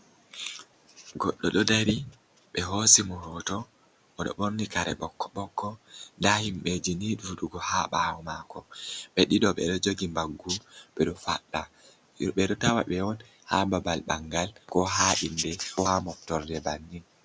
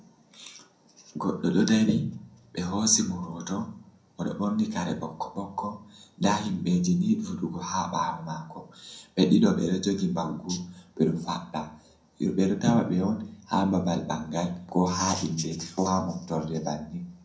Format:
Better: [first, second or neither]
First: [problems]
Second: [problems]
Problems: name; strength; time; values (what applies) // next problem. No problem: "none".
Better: first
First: none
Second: room echo; dies away in 0.5 s